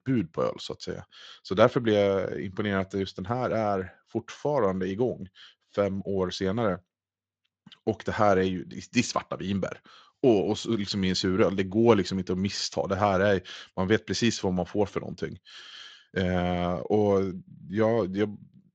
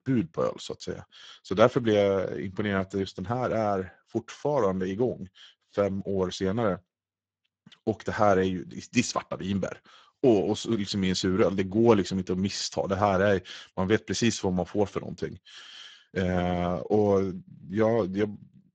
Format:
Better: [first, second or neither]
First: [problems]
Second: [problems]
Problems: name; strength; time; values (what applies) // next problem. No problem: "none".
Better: first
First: garbled, watery; slightly; nothing above 7.5 kHz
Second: garbled, watery; badly; nothing above 7.5 kHz